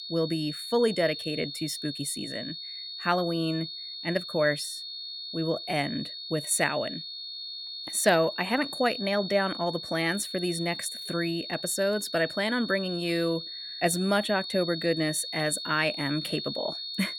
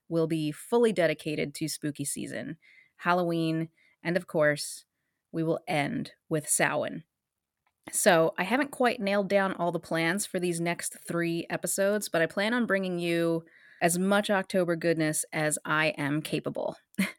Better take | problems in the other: second | high-pitched whine; loud; throughout; 4.5 kHz, 7 dB below the speech

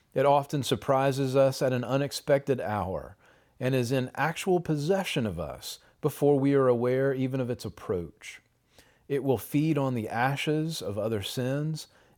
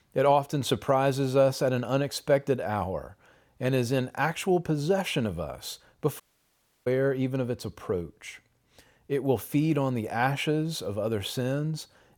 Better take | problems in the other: first | audio cutting out; at 6 s for 0.5 s

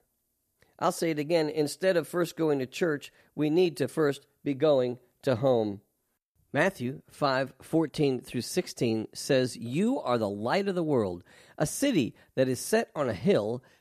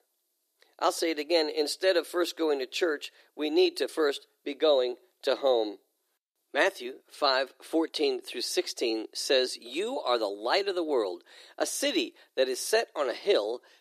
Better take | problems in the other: first | thin; somewhat; fading below 350 Hz

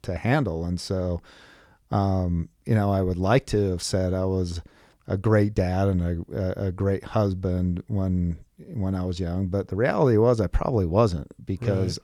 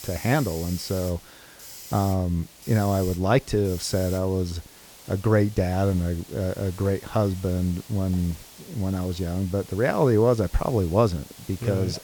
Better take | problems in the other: first | hiss; noticeable; throughout; 15 dB below the speech

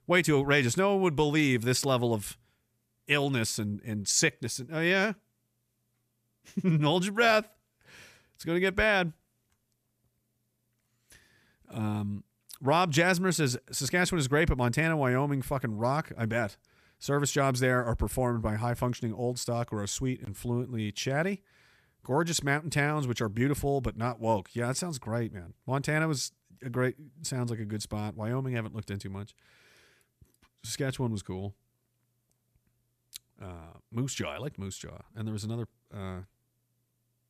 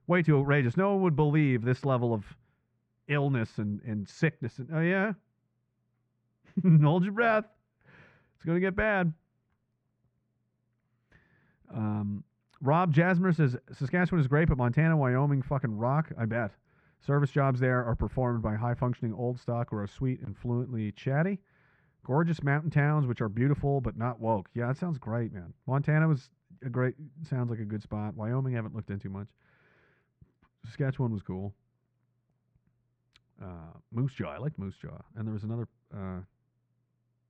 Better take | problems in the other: first | muffled; very; fading above 1.5 kHz

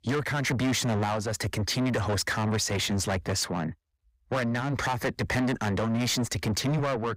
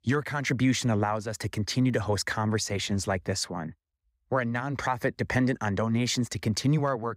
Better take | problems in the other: second | distortion; heavy; 7 dB below the speech

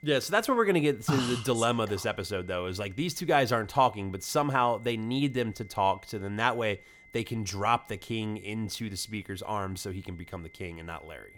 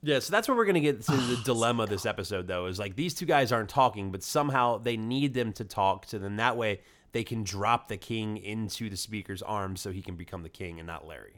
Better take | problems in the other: second | high-pitched whine; faint; throughout; 2 kHz, 25 dB below the speech

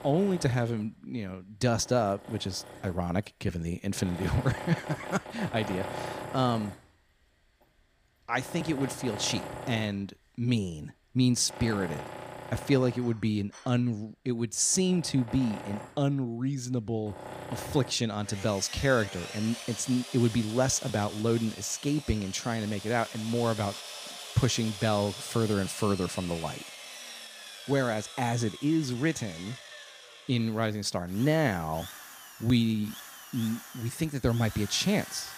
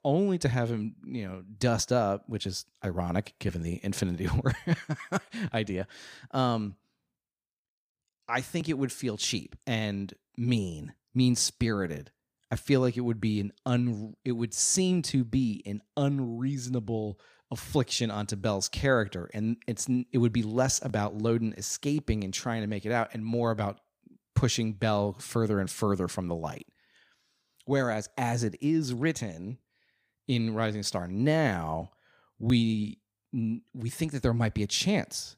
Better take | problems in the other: second | machinery noise; noticeable; throughout; 10 dB below the speech

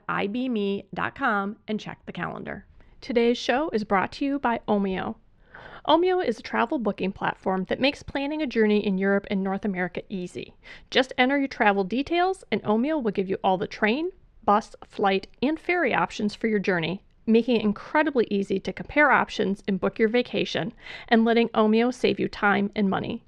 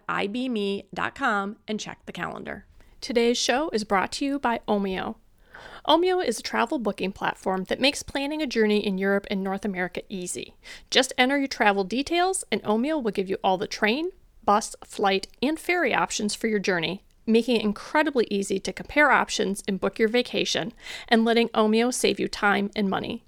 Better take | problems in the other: second | muffled; slightly; fading above 3 kHz

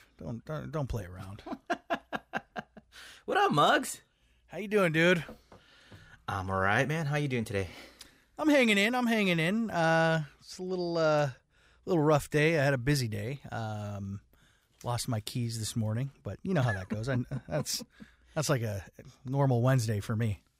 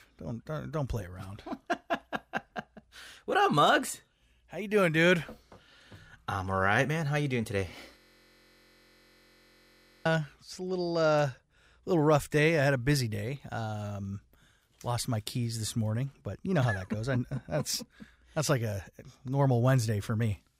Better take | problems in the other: first | audio freezing; at 8 s for 2 s

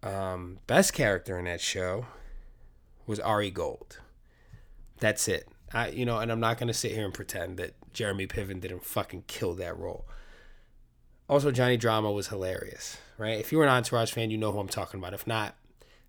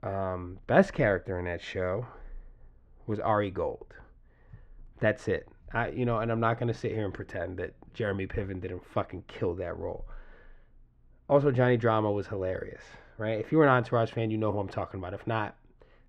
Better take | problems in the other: first | muffled; very; fading above 1.5 kHz

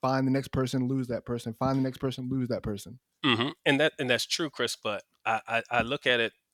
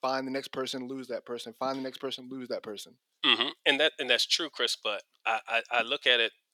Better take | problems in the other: first | thin; somewhat; fading below 400 Hz

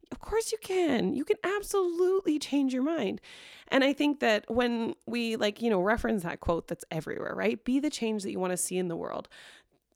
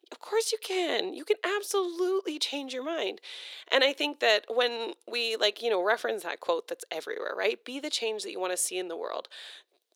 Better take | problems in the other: first | thin; very; fading below 400 Hz

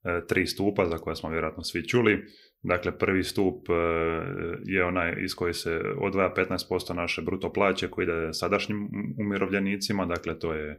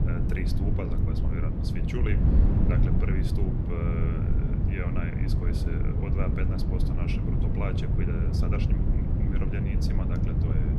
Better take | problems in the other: first | wind noise on the microphone; heavy; 2 dB above the speech

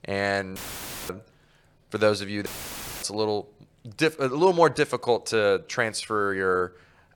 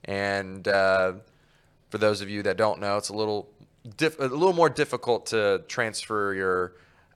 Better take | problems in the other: second | audio cutting out; filled with static; at 0.5 s for 0.5 s and at 2.5 s for 0.5 s

